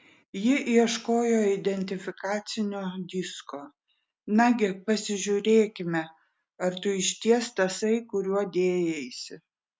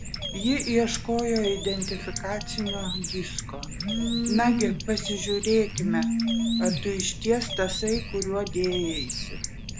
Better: first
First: none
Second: background sound (Telephone + Bird); 2 dB below the speech

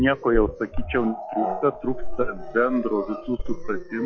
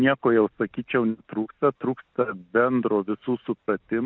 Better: second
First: noise reduction (classical method log-MMSE)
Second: none

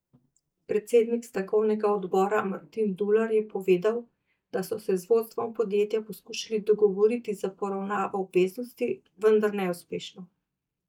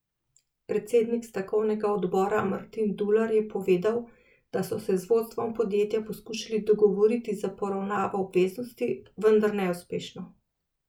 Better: second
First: noise reduction (neural mask model DeepFilterNet 3)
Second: none

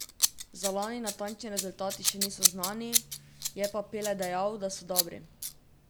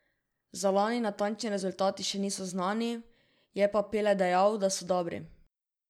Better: second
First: background sound (Scissors); 2 dB above the speech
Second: none

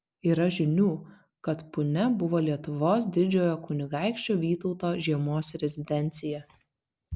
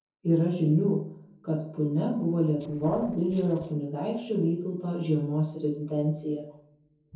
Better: first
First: none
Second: noise reduction (neural separator model SepFormer DNS4)

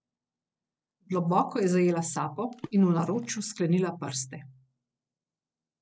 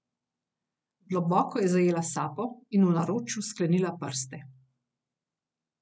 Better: second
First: noise reduction (neural separator model SepFormer DNS4)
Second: none

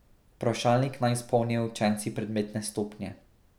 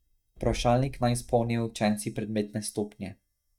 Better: first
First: none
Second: noise reduction (neural mask model DeepFilterNet 3)

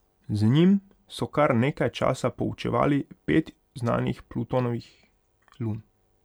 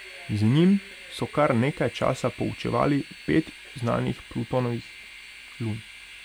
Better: first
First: none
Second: background sound (Train); 18 dB below the speech

